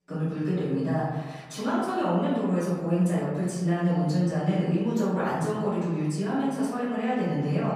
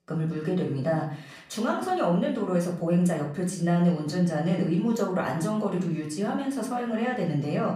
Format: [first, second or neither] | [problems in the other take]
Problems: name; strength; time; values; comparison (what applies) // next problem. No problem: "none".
second | room echo; strong; dies away in 1.3 s; slight in the second // off-mic speech; far; far in the second